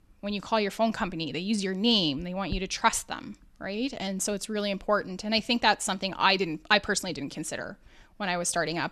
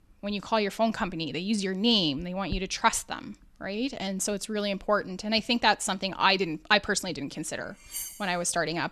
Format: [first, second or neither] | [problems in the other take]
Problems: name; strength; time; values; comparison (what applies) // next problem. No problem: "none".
first | clattering dishes; noticeable; at 8 s; peak 8 dB below the speech